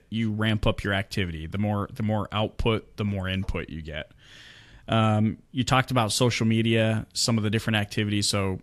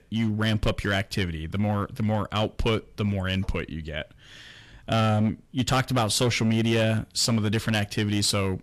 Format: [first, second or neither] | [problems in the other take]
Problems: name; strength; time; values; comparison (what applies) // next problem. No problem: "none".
first | distortion; slight; 6% of the sound clipped